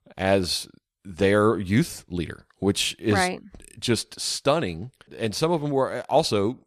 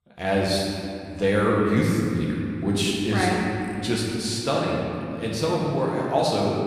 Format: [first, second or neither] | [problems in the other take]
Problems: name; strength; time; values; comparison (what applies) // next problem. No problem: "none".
first | room echo; noticeable; dies away in 3 s // off-mic speech; far